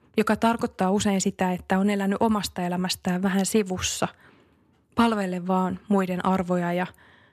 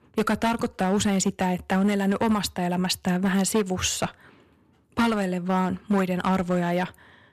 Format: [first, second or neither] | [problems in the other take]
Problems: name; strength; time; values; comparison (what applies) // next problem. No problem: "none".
first | distortion; slight; 6% of the sound clipped